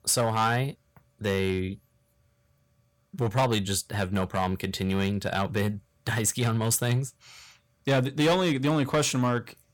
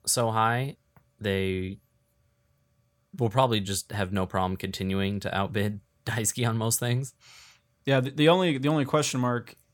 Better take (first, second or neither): second